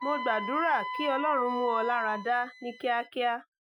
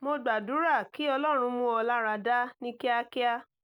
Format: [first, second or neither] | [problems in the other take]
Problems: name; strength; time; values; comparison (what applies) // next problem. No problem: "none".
second | noise reduction (classical method Wiener filter)